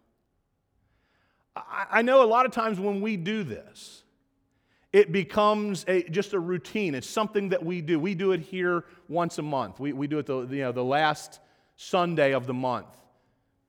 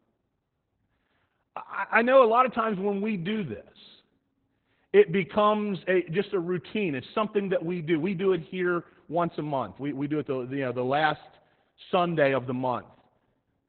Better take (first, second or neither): first